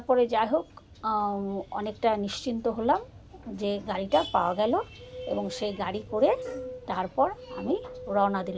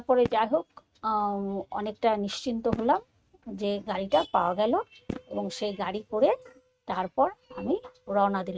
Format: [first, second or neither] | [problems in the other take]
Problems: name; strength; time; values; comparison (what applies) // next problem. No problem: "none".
first | noise reduction (neural mask model RNNoise)